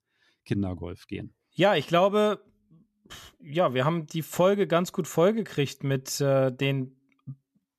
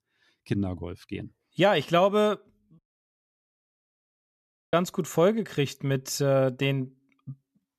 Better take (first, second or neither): first